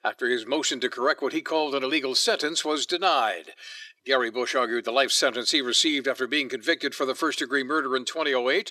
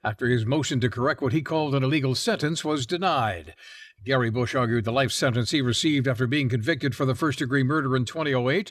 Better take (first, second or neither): second